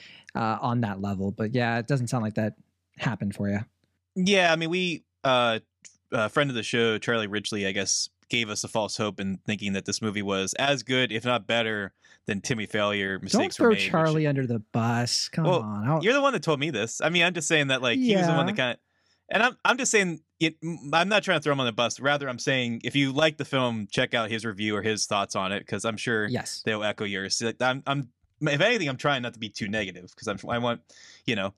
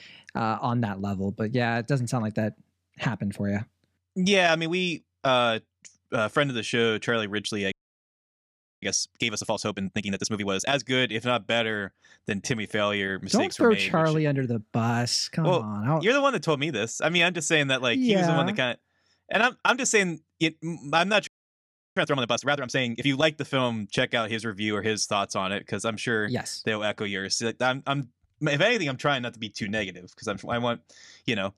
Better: first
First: none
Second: audio freezing; at 7.5 s for 1 s and at 21 s for 0.5 s

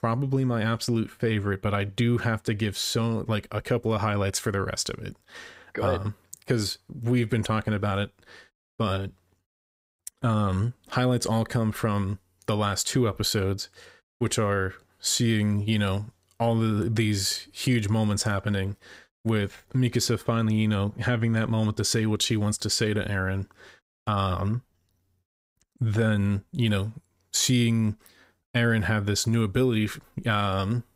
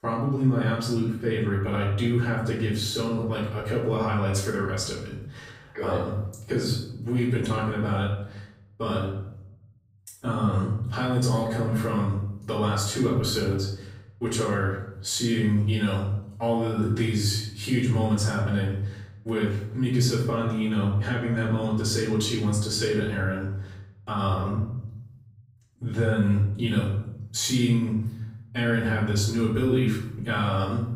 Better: first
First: none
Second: off-mic speech; far // room echo; noticeable; dies away in 0.8 s

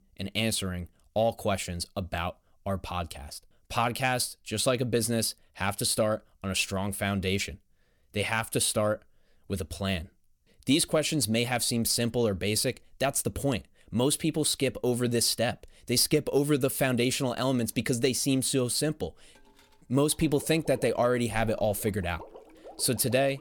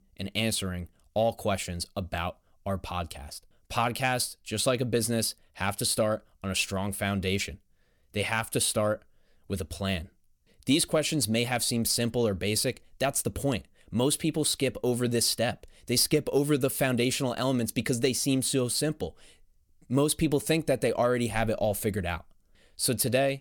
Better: second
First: household noises; faint; from 18 s on; 25 dB below the speech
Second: none

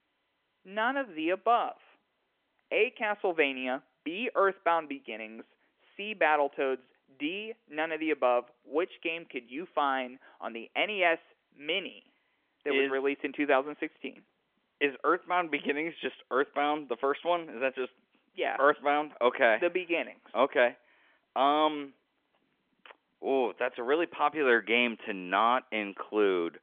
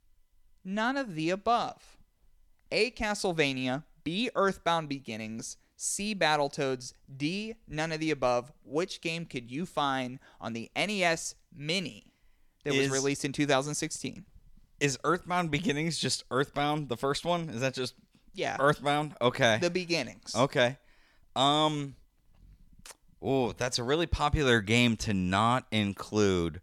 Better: second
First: phone-call audio; nothing above 3.5 kHz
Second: none

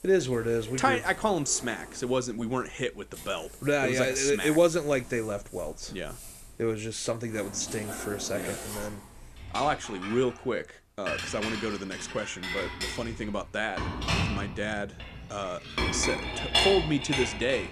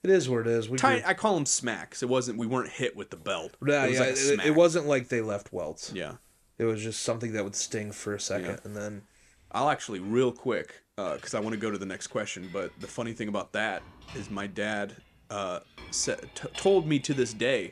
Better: second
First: household noises; loud; throughout; 4 dB below the speech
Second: household noises; faint; throughout; 25 dB below the speech

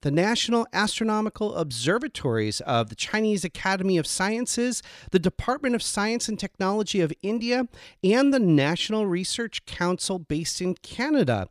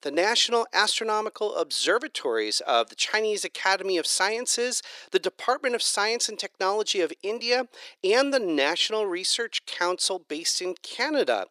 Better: first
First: none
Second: thin; very; fading below 400 Hz

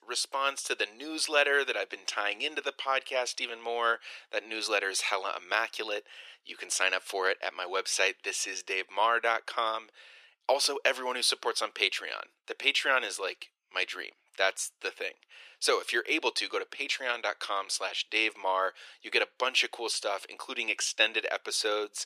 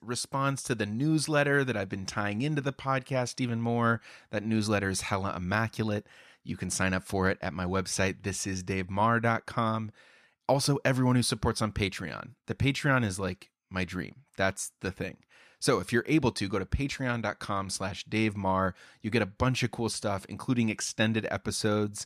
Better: second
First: thin; very; fading below 400 Hz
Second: none

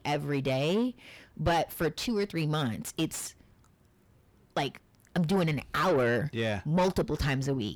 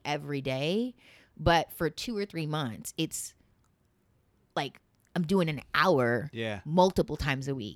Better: second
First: distortion; heavy; 6 dB below the speech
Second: none

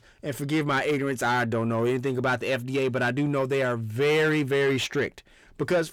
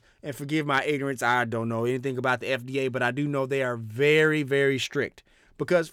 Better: second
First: distortion; slight; 10 dB below the speech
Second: none

